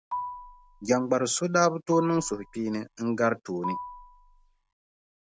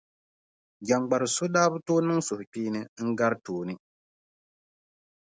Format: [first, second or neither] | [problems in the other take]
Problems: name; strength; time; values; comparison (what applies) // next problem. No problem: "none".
second | background sound (Marimba, xylophone); 11 dB below the speech